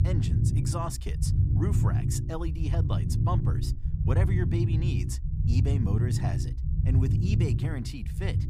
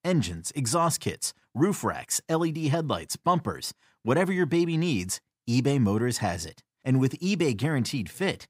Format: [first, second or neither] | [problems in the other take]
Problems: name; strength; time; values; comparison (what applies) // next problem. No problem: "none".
second | low rumble; loud; throughout; 2 dB below the speech